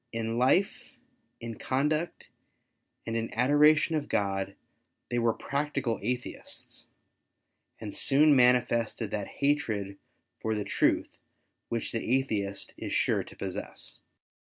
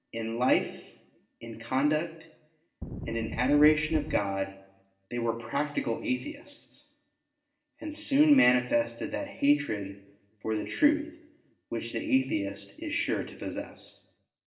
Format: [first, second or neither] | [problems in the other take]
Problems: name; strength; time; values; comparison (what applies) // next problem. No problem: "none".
first | background sound (Wind); 7 dB below the speech // room echo; dies away in 0.7 s